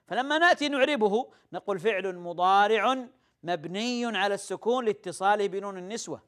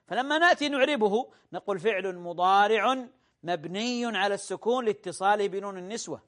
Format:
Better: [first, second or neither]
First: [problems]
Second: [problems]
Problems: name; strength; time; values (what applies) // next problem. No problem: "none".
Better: first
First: none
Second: garbled, watery; slightly; nothing above 10 kHz